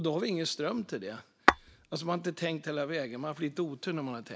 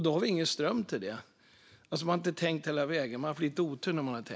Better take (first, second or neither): second